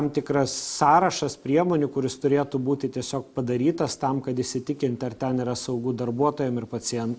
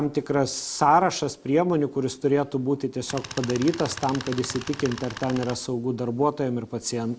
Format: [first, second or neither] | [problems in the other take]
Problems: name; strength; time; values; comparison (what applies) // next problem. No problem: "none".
first | background sound (Tools); 12 dB below the speech